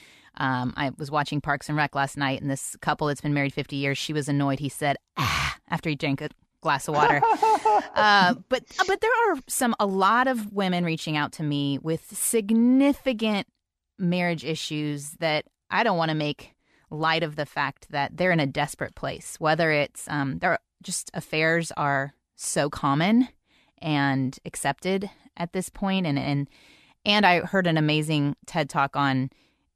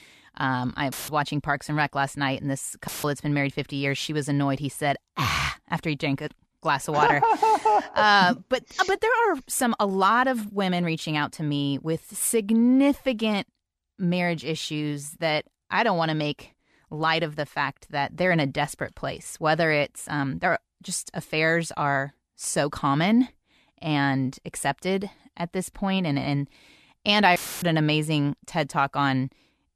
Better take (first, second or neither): first